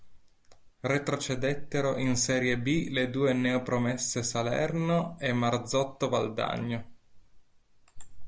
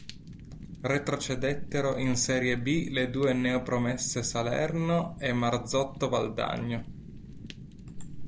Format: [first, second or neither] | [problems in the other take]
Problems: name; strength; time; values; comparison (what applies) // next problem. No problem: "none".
first | background sound (Fire); 15 dB below the speech